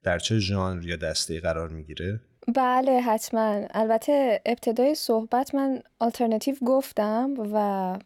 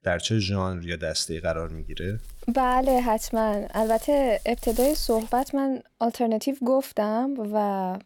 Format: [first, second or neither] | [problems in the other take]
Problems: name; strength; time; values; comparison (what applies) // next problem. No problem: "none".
first | dog barking; noticeable; from 1.5 to 5.5 s; peak 8 dB below the speech